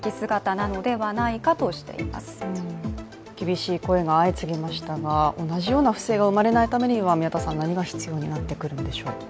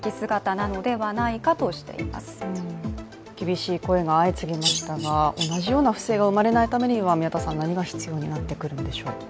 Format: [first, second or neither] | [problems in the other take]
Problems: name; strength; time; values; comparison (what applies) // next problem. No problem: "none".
first | background sound (Bird vocalization, bird call, bird song); 5 dB below the speech